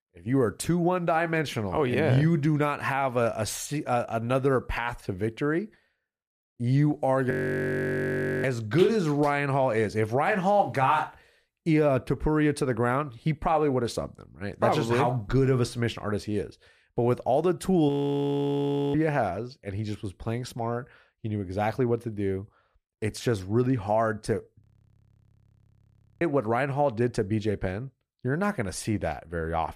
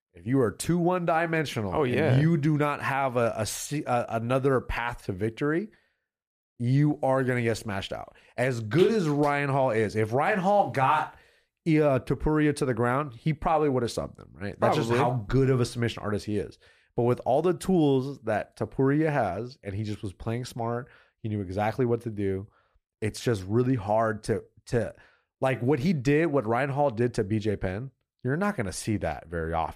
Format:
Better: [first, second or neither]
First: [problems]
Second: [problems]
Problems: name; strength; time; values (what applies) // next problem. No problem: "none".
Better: second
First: audio freezing; at 7.5 s for 1 s, at 18 s for 1 s and at 25 s for 1.5 s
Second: none